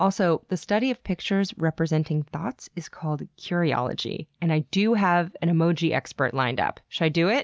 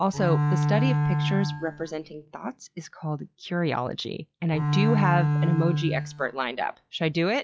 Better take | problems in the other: first | noise reduction (classical method log-MMSE)

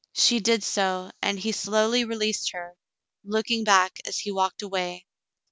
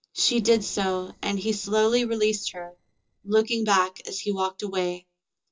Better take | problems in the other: first | noise reduction (neural separator model SepFormer DNS4)

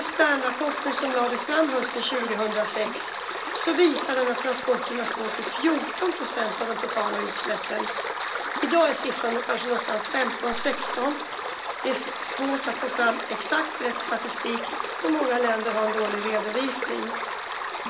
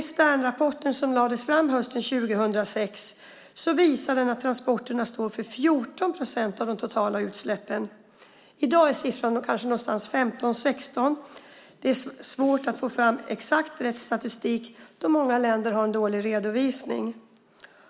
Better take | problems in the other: second | background sound (Stream); 3 dB below the speech // room echo; dies away in 0.2 s

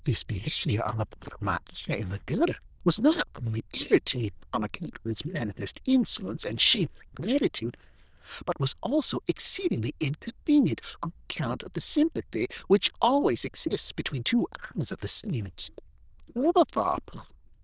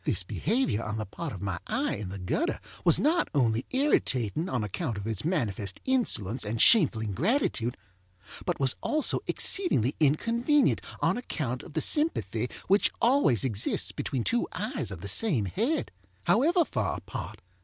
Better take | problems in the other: second | noise reduction (neural diffusion model UNIVERSE++)

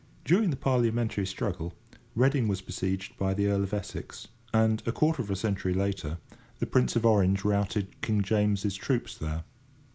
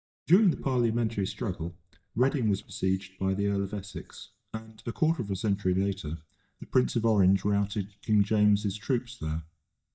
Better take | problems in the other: first | noise reduction (neural mask model DeepFilterNet 3)

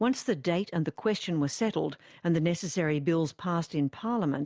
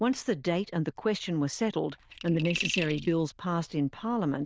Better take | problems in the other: first | noise reduction (neural diffusion model UNIVERSE++)

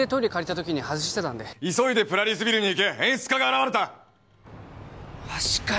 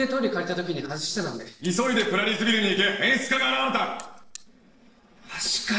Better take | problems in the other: first | noise reduction (neural separator model SepFormer DNS4)

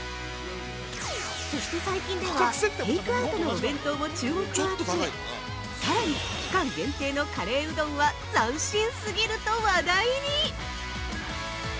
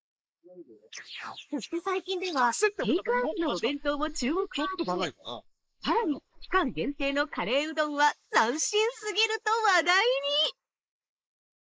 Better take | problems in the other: first | noise reduction (neural mask model Resemble Enhance denoiser)

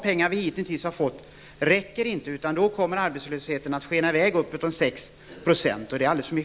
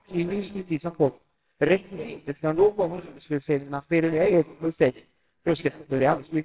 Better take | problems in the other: first | noise reduction (neural separator model SepFormer WHAMR!)

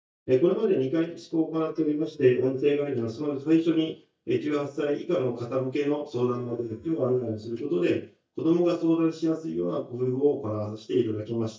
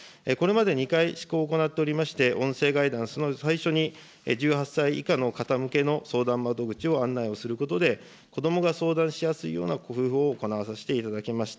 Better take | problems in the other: second | noise reduction (neural mask model DeepFilterNet 3)

